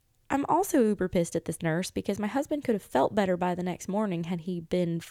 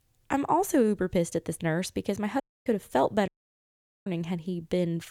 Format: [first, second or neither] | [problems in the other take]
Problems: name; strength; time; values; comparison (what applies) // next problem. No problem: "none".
first | audio cutting out; at 2.5 s and at 3.5 s for 1 s